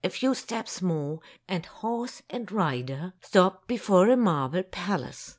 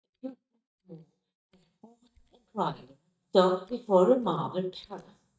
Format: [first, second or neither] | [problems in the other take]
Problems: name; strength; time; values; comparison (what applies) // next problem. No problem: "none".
first | noise reduction (neural mask model DeepFilterNet 3)